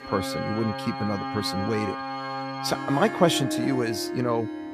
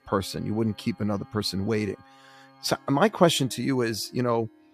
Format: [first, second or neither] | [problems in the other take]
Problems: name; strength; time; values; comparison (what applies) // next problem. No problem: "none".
second | background music; loud; throughout; 5 dB below the speech; faint in the second